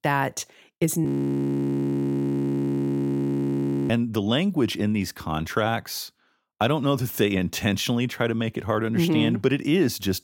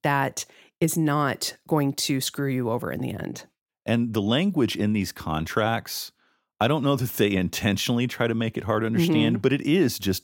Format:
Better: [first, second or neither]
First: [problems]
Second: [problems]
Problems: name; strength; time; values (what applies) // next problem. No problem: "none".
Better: second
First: audio freezing; at 1 s for 3 s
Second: none